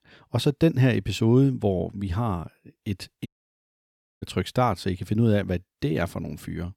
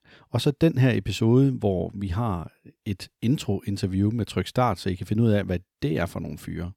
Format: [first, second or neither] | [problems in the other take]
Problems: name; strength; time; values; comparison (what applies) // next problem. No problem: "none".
second | audio cutting out; at 3.5 s for 1 s